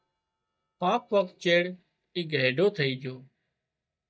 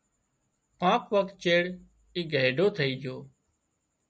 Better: second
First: noise reduction (neural mask model DeepFilterNet 3)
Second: none

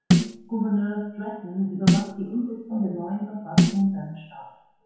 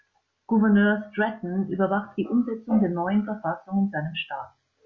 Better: second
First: background sound (Snare drum); 3 dB above the speech // room echo; dies away in 0.9 s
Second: none

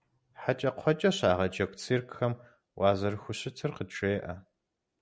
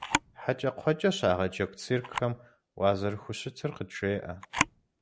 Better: first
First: none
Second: background sound (Camera); 7 dB below the speech

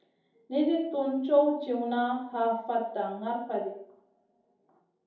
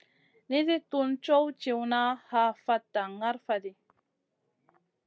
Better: second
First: room echo; dies away in 2.7 s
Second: none

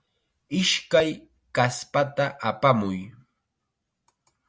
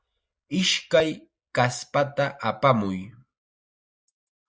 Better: first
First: none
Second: noise reduction (neural mask model Resemble Enhance denoiser)

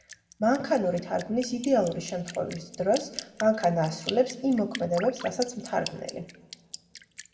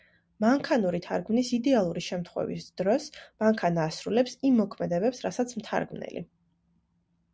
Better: second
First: background sound (Drip); 15 dB below the speech // room echo; dies away in 1.2 s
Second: none

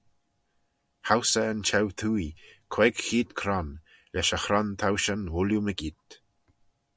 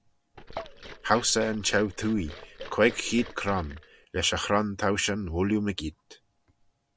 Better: first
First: none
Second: background sound (Liquid); 14 dB below the speech

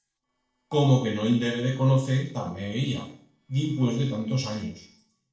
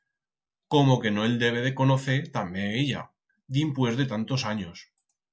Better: second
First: noise reduction (neural separator model SepFormer DNS4)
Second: none

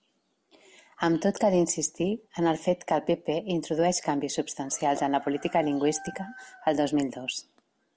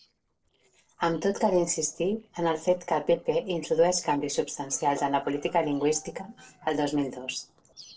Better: first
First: none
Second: noise reduction (neural separator model SepFormer DNS4)

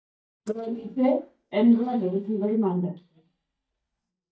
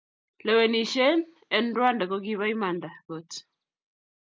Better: second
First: noise reduction (neural mask model DeepFilterNet 3)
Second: none

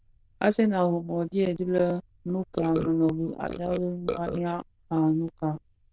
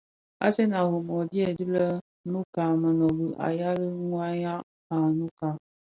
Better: second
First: noise reduction (neural diffusion model UNIVERSE++)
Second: none

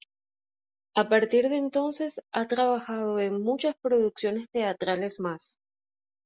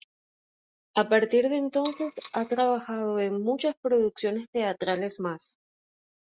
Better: first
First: none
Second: noise reduction (neural mask model RNNoise)

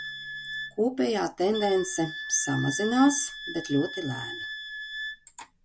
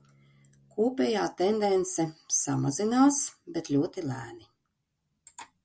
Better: second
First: background sound (Wind instrument, woodwind instrument); 9 dB below the speech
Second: none

